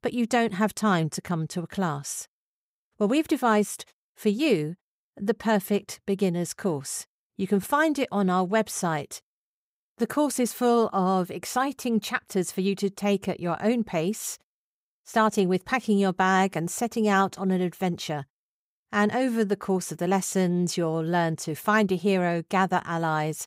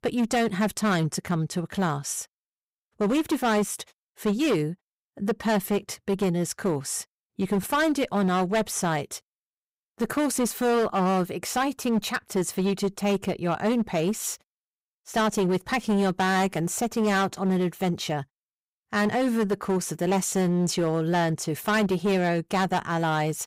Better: first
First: none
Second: distortion; slight; 11% of the sound clipped

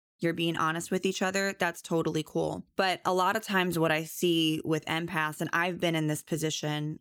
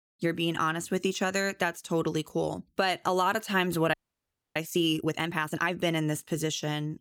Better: first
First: none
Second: audio freezing; at 4 s for 0.5 s

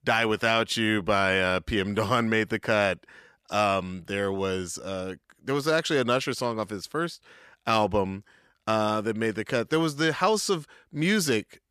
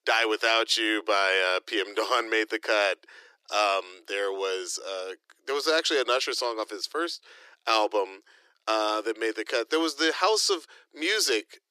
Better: first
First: none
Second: thin; very; fading below 300 Hz

